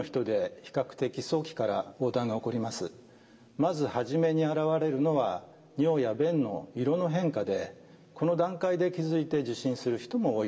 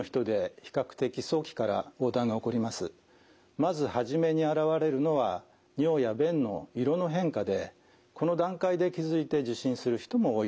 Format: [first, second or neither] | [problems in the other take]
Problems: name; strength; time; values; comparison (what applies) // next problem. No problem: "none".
second | room echo; dies away in 1.8 s